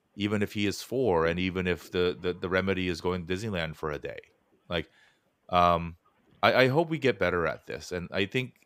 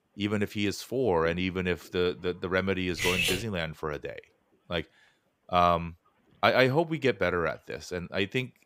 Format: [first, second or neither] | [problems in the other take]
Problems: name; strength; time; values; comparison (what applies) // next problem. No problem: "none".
first | clattering dishes; loud; at 3 s; peak 3 dB above the speech